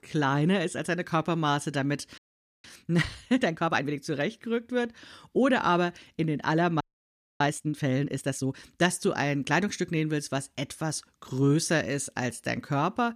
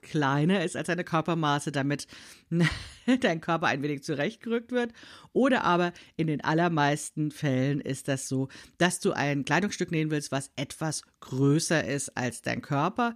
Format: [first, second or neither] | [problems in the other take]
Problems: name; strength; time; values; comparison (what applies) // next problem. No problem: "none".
second | audio freezing; at 2 s and at 7 s for 0.5 s